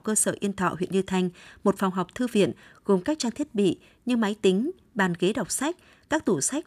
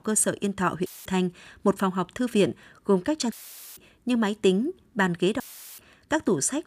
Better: first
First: none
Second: audio cutting out; filled with static; at 1 s, at 3.5 s and at 5.5 s

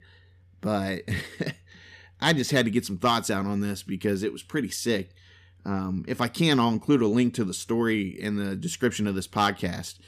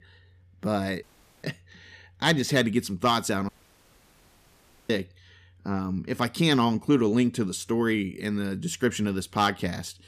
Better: first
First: none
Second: audio cutting out; at 1 s and at 3.5 s for 1.5 s

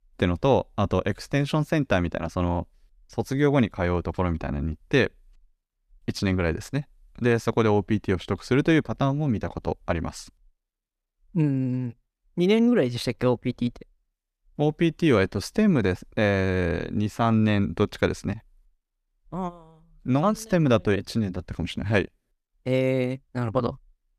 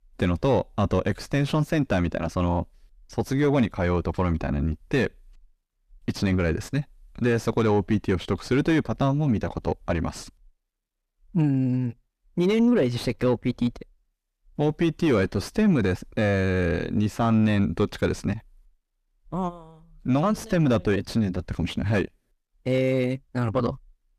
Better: first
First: none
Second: distortion; slight; 10 dB below the speech

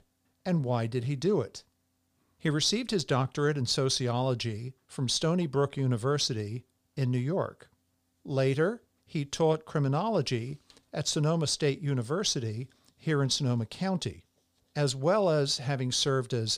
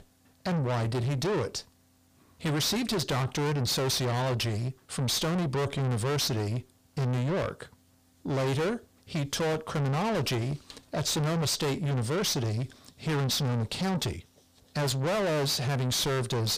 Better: first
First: none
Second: distortion; heavy; 5 dB below the speech

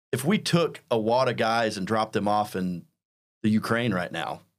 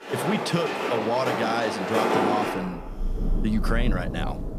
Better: first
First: none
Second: rain or running water; very loud; throughout; as loud as the speech

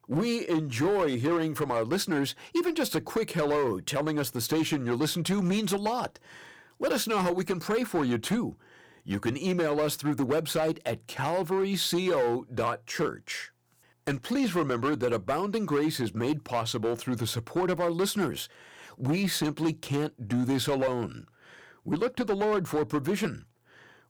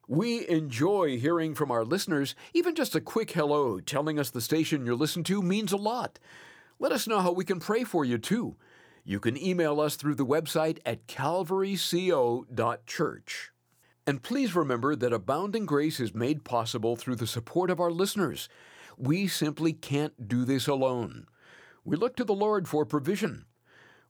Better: second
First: distortion; slight; 9% of the sound clipped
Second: none

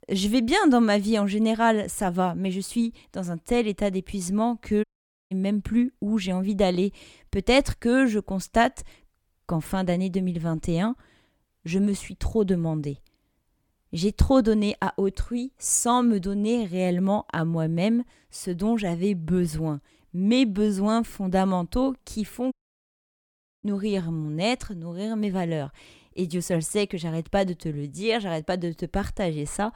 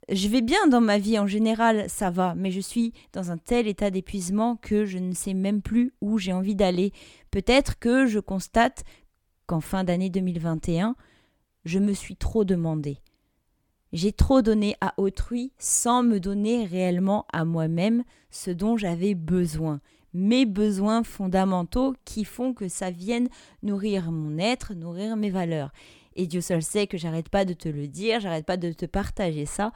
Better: second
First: audio cutting out; at 5 s and at 23 s for 1 s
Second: none

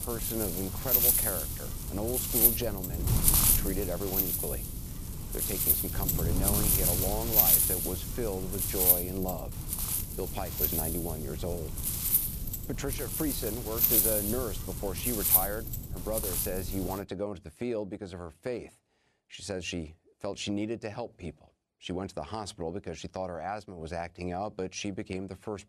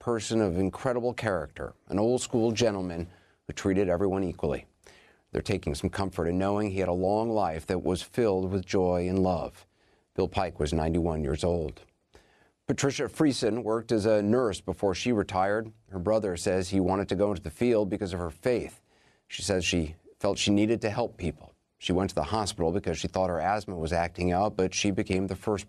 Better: second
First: wind noise on the microphone; heavy; until 17 s; 4 dB above the speech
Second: none

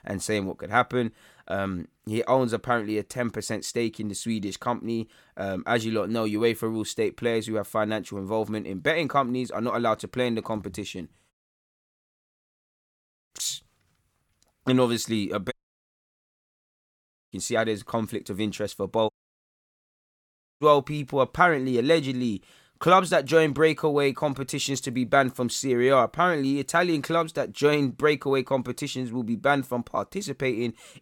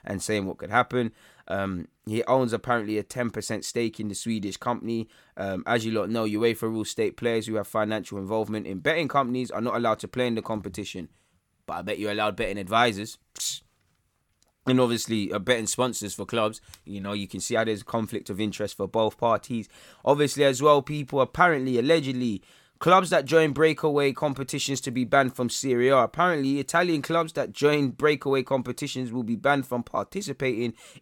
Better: second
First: audio cutting out; at 11 s for 2 s, at 16 s for 2 s and at 19 s for 1.5 s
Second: none

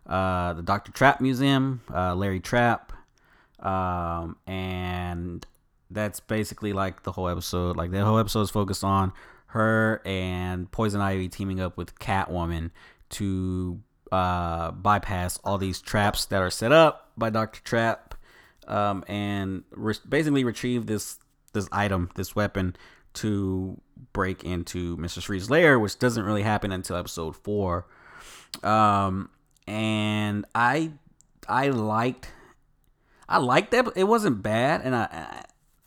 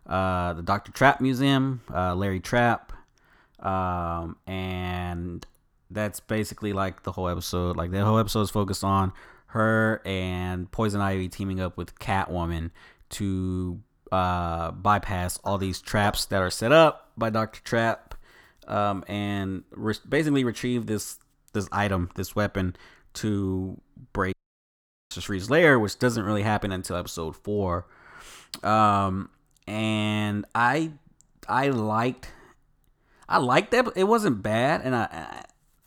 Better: first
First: none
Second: audio cutting out; at 24 s for 1 s

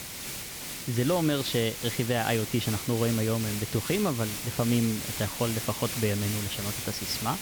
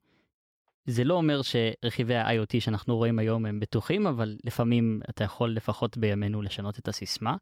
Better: second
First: hiss; loud; throughout; 5 dB below the speech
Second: none

